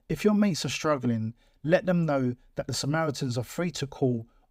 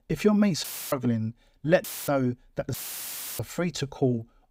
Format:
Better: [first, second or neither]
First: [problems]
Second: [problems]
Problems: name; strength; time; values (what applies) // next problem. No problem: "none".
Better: first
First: none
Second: audio cutting out; filled with static; at 0.5 s, at 2 s and at 2.5 s for 0.5 s